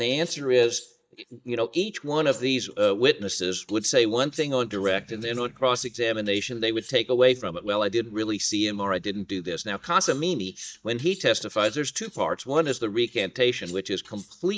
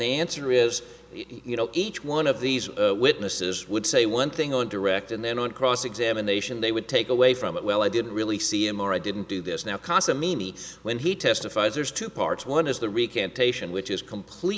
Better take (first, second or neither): second